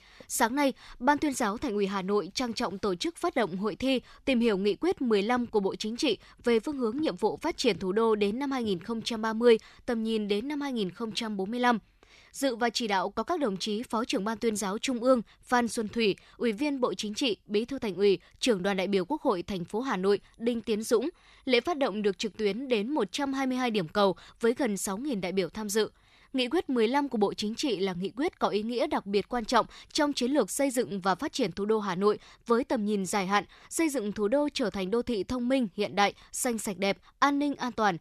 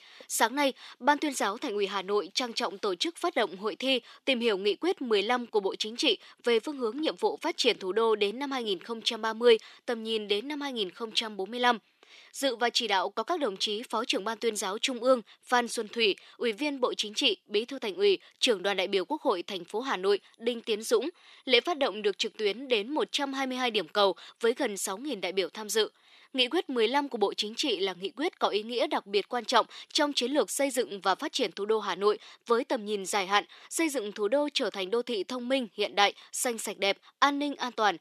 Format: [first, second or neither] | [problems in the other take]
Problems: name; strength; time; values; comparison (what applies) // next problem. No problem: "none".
first | thin; very slightly; fading below 300 Hz